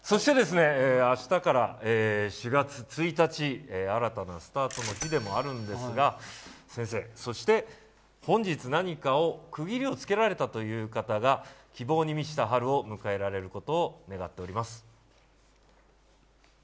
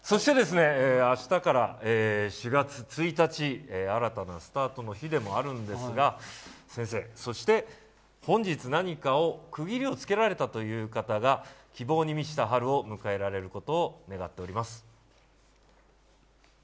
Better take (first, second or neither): second